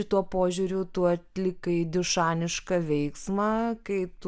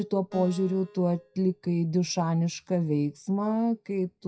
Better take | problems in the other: first | noise reduction (classical method WPE with log-MMSE)

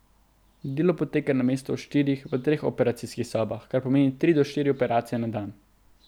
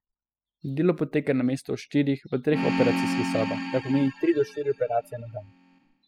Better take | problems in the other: first | noise reduction (classical method spectral subtraction)

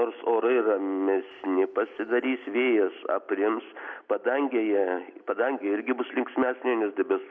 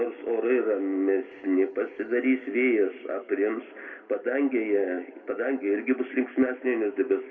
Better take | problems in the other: first | room echo; dies away in 1.6 s

